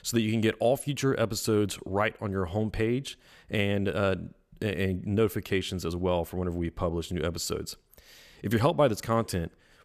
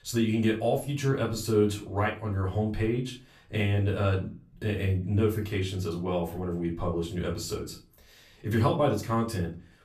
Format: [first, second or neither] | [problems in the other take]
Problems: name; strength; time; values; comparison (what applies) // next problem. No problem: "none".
first | off-mic speech; far // room echo; slight; dies away in 0.3 s